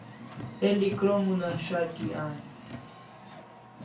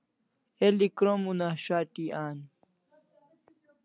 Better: second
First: background sound (Car); 11 dB below the speech // room echo; dies away in 0.3 s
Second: none

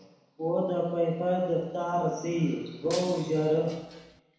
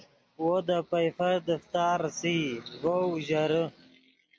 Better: second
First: background sound (Shatter); 16 dB below the speech // room echo; dies away in 1 s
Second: none

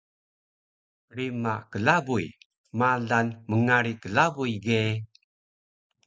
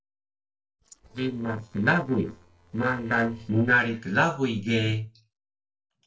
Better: first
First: none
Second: noise reduction (neural separator model SepFormer DNS4)

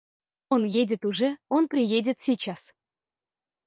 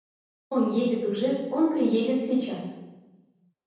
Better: first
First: none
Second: room echo; dies away in 1.1 s

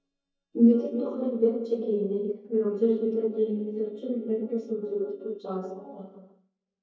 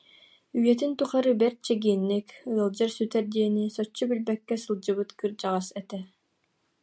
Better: second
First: noise reduction (neural mask model DeepFilterNet 3)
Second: none

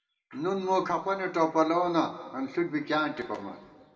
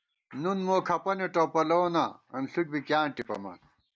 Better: second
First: room echo; dies away in 1.8 s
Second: none

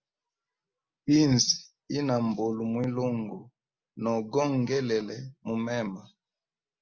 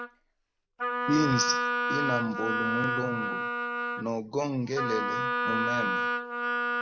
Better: first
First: none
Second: background sound (Wind instrument, woodwind instrument); 2 dB above the speech

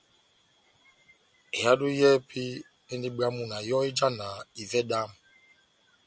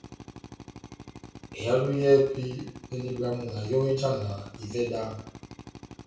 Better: first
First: none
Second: background sound (Drill); 16 dB below the speech // room echo; dies away in 0.6 s

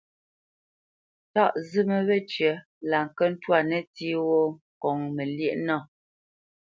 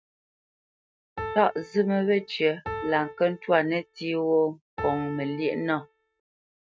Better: first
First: none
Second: noise reduction (neural mask model RNNoise)

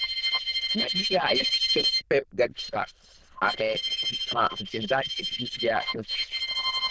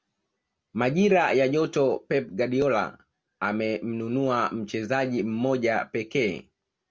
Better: second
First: noise reduction (neural diffusion model UNIVERSE++)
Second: none

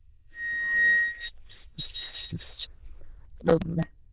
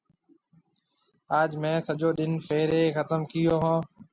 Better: second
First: noise reduction (neural diffusion model UNIVERSE++)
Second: none

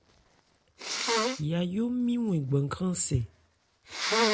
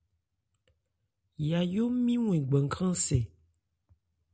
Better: second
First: background sound (Sneeze); 2 dB below the speech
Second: none

